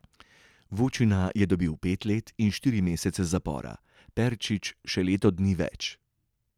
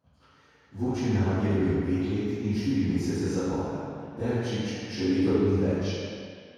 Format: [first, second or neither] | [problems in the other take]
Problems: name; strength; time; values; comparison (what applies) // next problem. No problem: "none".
first | room echo; dies away in 2.2 s